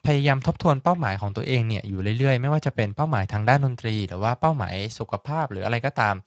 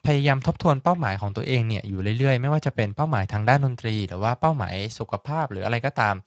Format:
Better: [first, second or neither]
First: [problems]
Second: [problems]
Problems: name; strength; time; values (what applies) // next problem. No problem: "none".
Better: neither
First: garbled, watery; slightly; nothing above 7.5 kHz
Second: garbled, watery; slightly; nothing above 7.5 kHz